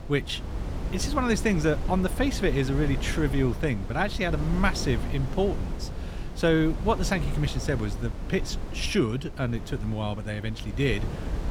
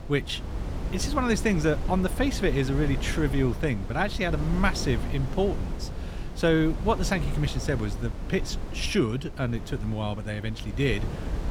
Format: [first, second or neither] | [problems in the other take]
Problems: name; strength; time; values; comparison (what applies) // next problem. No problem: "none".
neither | wind noise on the microphone; occasional gusts; 10 dB below the speech; the same in both